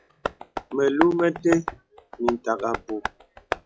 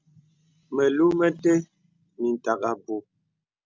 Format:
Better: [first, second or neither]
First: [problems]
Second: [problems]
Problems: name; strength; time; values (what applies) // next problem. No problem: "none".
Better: second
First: noise reduction (classical method log-MMSE)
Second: none